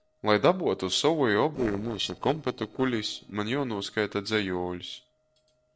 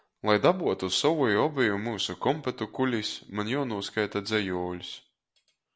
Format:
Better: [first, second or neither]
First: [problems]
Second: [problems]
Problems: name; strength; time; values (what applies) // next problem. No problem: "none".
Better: second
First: noise reduction (neural separator model SepFormer DNS4)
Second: none